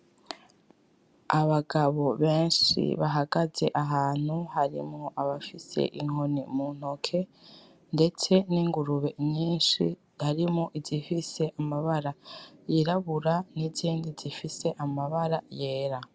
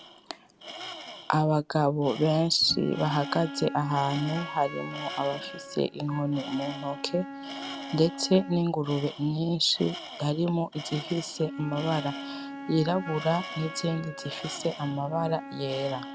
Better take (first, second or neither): first